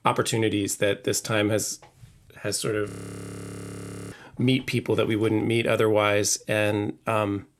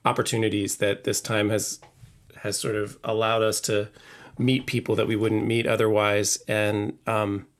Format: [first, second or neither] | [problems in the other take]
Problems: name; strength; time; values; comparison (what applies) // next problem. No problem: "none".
second | audio freezing; at 3 s for 1 s